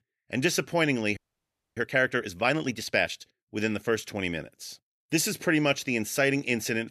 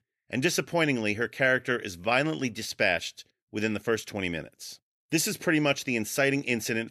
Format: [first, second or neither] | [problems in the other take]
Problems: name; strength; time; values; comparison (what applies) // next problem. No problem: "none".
second | audio freezing; at 1 s for 0.5 s